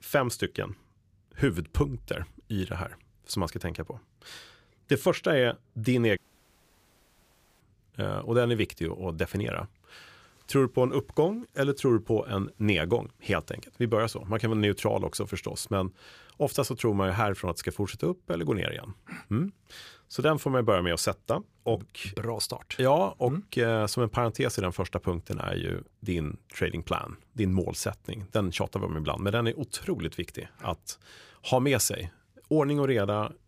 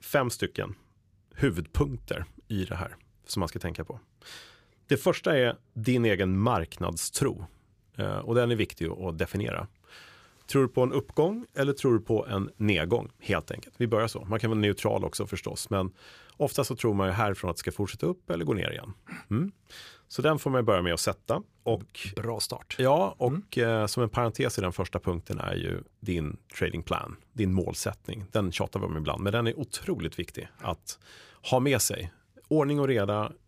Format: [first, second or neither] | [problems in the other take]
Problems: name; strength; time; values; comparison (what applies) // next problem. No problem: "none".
second | audio cutting out; at 6 s for 1.5 s